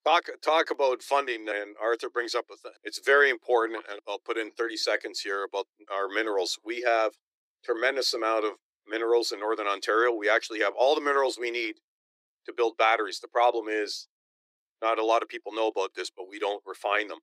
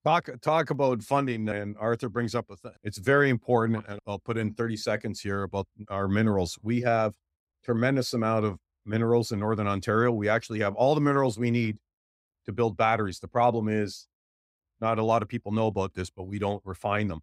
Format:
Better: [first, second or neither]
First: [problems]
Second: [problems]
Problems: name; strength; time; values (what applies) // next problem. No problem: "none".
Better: second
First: thin; very; fading below 350 Hz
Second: none